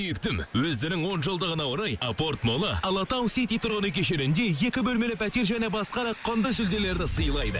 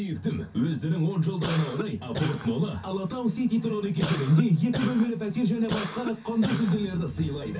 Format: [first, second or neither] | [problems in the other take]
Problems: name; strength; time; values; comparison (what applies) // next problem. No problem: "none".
first | background sound (Cough); 9 dB below the speech // room echo; dies away in 0.3 s